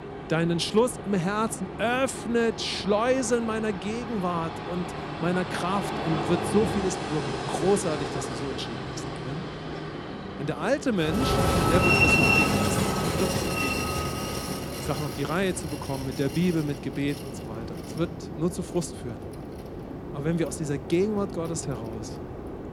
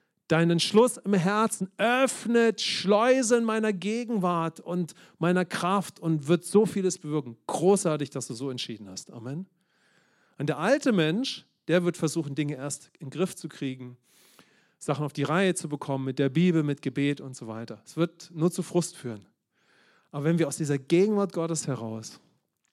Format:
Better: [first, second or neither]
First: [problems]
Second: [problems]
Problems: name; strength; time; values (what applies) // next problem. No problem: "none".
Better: second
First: train or aircraft noise; loud; throughout; 1 dB below the speech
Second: none